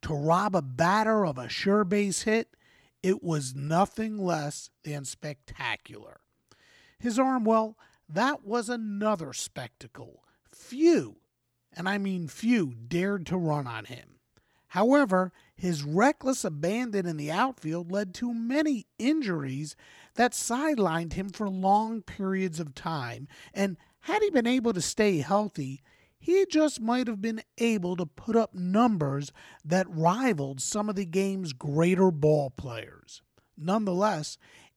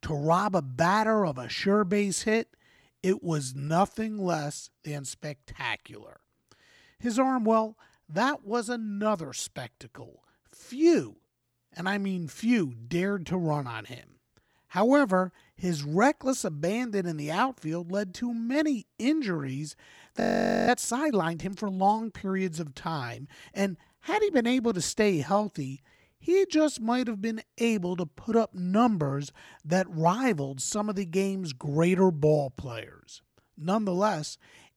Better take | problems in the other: first | audio freezing; at 20 s

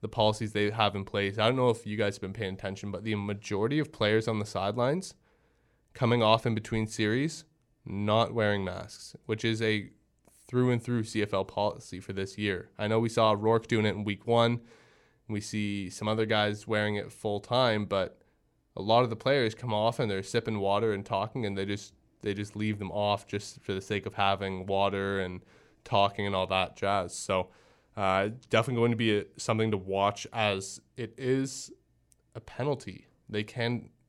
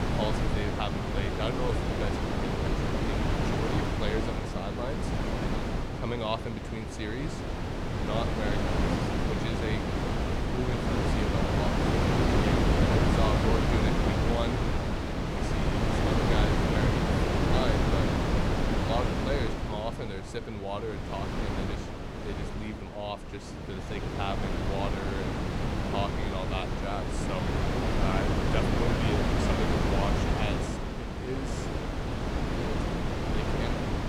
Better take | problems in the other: first | wind noise on the microphone; heavy; 4 dB above the speech

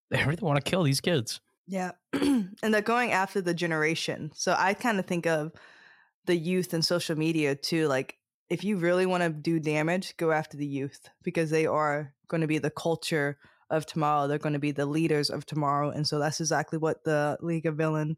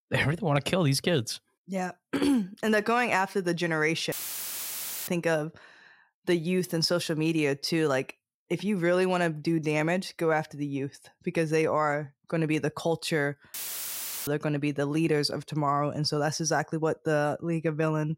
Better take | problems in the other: first | audio cutting out; filled with static; at 4 s for 1 s and at 14 s for 0.5 s

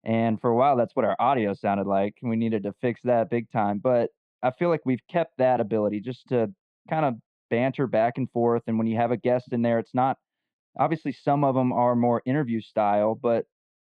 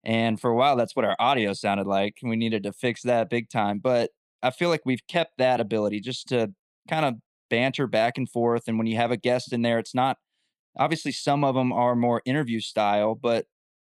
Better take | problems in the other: second | muffled; very; fading above 3.5 kHz

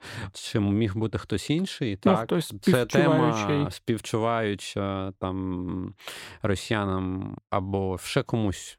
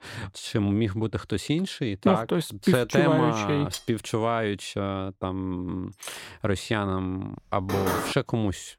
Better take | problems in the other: first | clattering dishes; faint; at 3.5 s and at 6 s; peak 10 dB below the speech // door banging; noticeable; at 7.5 s; peak 1 dB below the speech

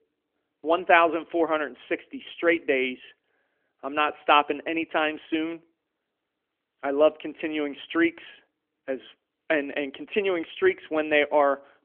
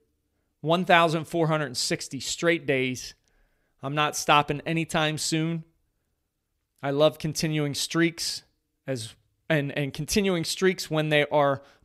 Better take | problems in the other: second | phone-call audio; nothing above 3 kHz

